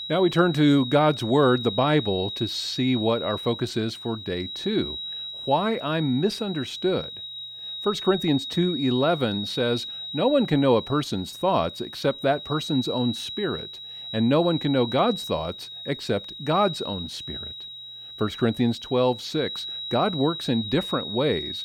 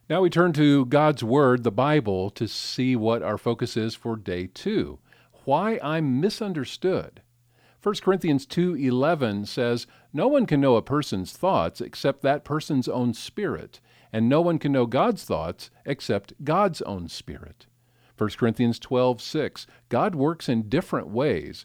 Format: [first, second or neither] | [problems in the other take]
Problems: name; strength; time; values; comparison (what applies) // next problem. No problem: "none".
second | high-pitched whine; loud; throughout; 4 kHz, 8 dB below the speech